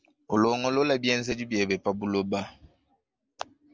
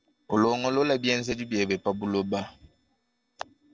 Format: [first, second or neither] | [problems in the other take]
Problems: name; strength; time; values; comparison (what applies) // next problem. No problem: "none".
first | noise reduction (neural separator model SepFormer DNS4)